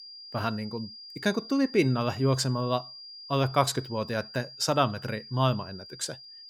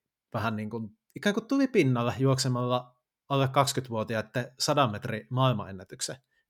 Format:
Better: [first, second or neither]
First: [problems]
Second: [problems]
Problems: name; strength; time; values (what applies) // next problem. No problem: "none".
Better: second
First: high-pitched whine; noticeable; throughout; 5 kHz, 15 dB below the speech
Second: none